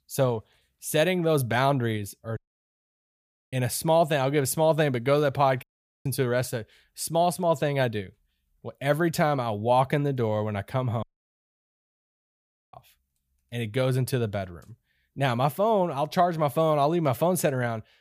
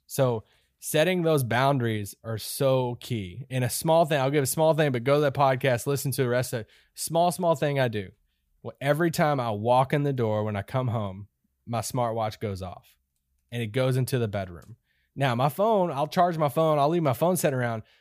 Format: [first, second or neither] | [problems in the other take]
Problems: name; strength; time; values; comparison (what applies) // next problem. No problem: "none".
second | audio cutting out; at 2.5 s for 1 s, at 5.5 s and at 11 s for 1.5 s